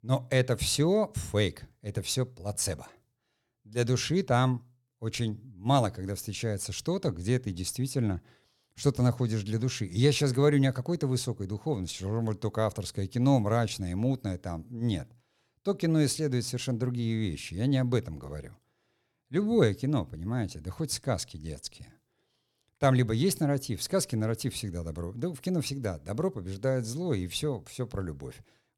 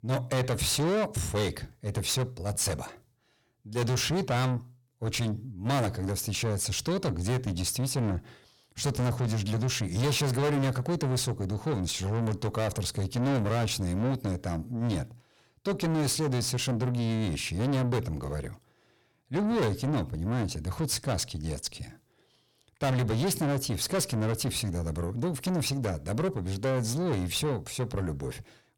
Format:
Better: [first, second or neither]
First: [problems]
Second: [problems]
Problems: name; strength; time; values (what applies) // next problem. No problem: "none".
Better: first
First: none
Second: distortion; heavy; 6 dB below the speech